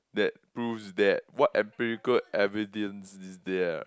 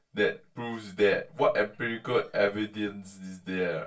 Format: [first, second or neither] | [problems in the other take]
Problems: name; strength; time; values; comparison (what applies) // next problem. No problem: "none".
first | room echo; dies away in 0.2 s